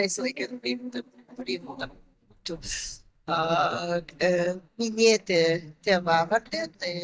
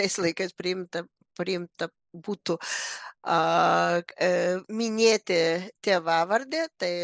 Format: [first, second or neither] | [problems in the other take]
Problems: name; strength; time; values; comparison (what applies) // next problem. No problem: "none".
second | noise reduction (neural mask model DeepFilterNet 3)